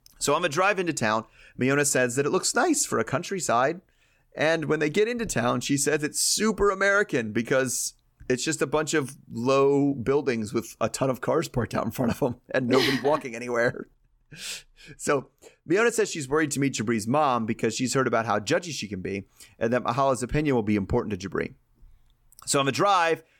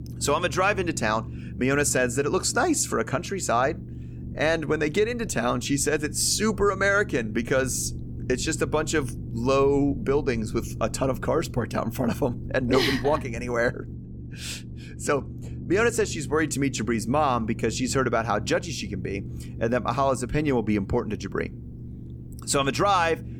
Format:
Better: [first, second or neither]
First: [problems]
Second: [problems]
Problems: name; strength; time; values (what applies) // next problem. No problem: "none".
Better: first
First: none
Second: low rumble; faint; throughout; 20 dB below the speech